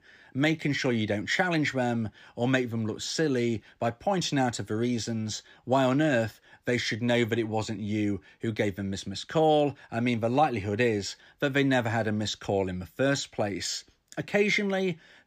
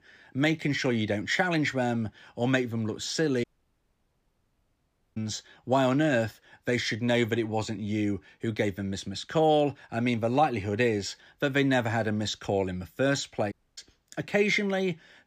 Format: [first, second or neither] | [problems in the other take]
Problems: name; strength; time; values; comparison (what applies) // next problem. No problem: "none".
first | audio cutting out; at 3.5 s for 1.5 s and at 14 s